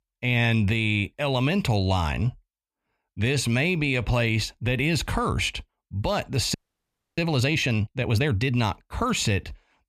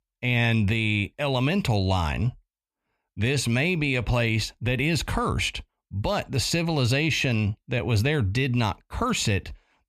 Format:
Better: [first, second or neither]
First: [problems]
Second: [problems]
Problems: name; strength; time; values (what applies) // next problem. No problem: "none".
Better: second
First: audio freezing; at 6.5 s for 0.5 s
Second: none